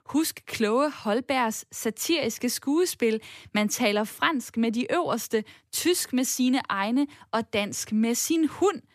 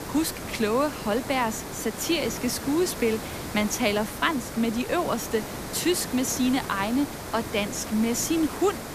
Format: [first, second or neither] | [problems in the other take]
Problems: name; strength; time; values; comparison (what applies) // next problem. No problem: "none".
first | hiss; loud; throughout; 8 dB below the speech